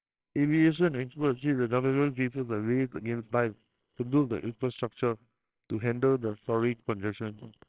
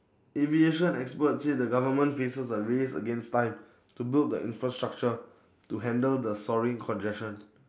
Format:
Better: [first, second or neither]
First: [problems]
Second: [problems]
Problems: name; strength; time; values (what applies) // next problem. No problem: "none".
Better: second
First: noise reduction (neural separator model SepFormer WHAMR!)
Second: none